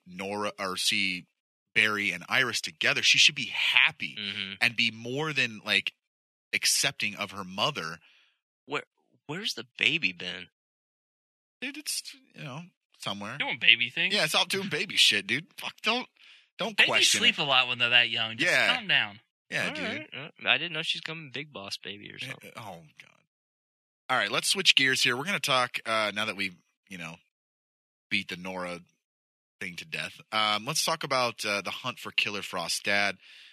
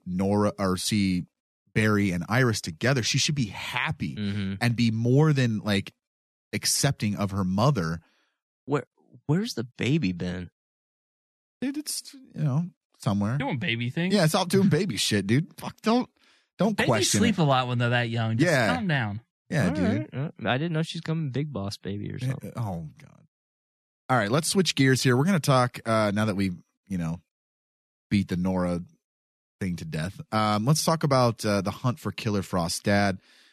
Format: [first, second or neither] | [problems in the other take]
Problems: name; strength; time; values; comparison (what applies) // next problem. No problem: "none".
second | thin; somewhat; fading below 850 Hz